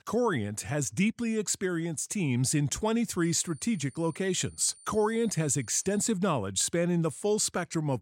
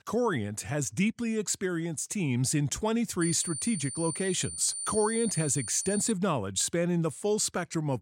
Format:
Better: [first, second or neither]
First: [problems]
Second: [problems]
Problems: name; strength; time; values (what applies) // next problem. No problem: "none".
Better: first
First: high-pitched whine; faint; from 3 to 6 s; 9 kHz, 25 dB below the speech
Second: high-pitched whine; loud; from 3 to 6 s; 9 kHz, 5 dB below the speech